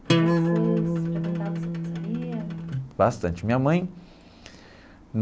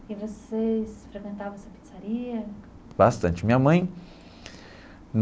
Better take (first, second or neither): second